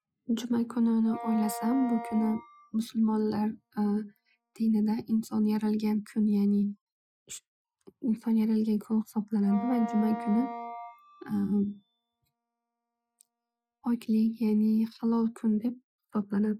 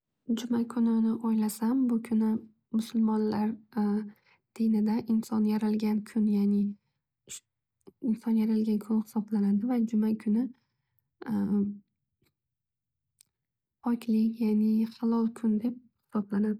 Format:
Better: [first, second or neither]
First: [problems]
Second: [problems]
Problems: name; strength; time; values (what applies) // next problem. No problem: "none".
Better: second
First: noise reduction (classical method Wiener filter)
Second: none